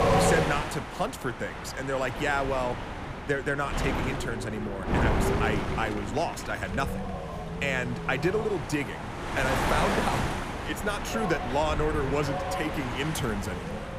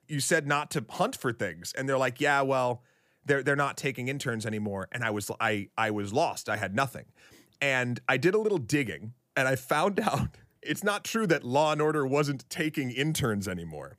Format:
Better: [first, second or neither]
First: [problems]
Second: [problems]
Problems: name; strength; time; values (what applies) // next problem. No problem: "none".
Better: second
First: wind noise on the microphone; heavy; 2 dB below the speech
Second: none